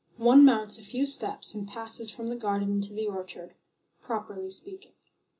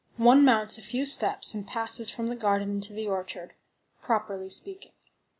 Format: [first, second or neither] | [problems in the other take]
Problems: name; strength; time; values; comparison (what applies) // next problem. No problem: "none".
second | room echo; dies away in 0.2 s